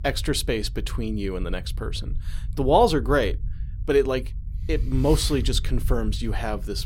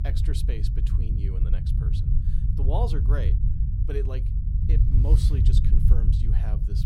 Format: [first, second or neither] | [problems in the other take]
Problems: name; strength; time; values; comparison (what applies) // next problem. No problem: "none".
first | low rumble; loud; throughout; 2 dB below the speech; faint in the first